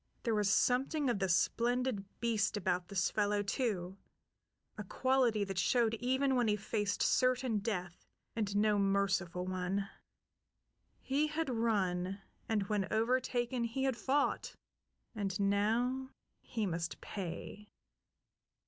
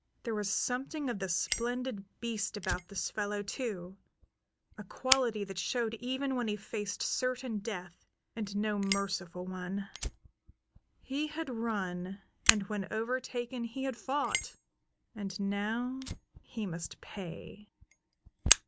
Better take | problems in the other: first | background sound (Fire); 4 dB below the speech

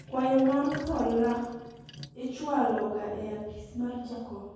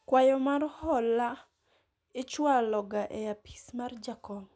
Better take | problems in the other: second | background sound (Sink (filling or washing)); 18 dB below the speech // room echo; dies away in 1.3 s

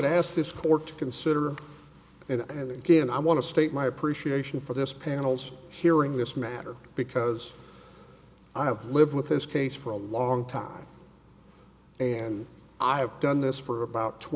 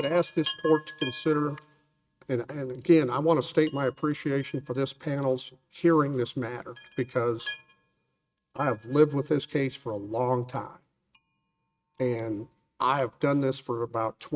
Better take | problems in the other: first | noise reduction (neural mask model RNNoise)

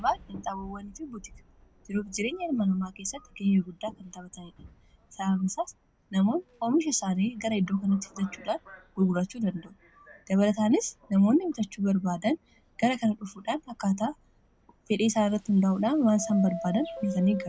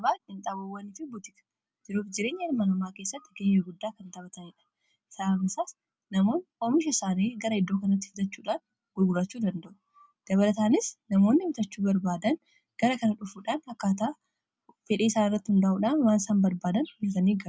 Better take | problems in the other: second | background sound (Subway, metro, underground); 19 dB below the speech

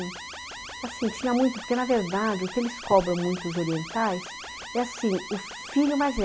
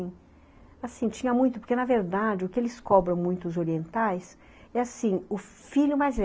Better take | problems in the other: second | background sound (Alarm); 12 dB below the speech

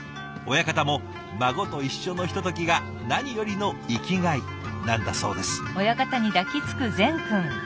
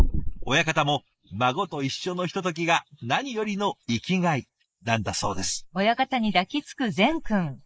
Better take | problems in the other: first | noise reduction (neural mask model Resemble Enhance denoiser)

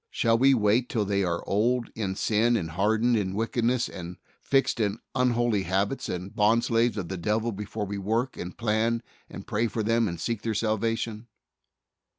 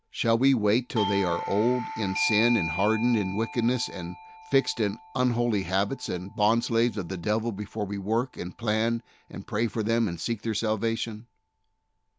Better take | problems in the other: first | background sound (Doorbell); 12 dB below the speech

